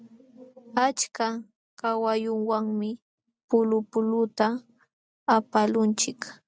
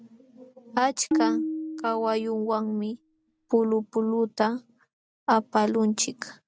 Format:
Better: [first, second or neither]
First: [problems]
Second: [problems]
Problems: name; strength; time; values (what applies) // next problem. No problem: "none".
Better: first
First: none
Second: background sound (Tabla); 4 dB below the speech